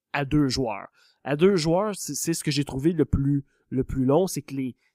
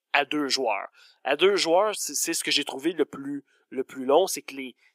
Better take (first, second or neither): first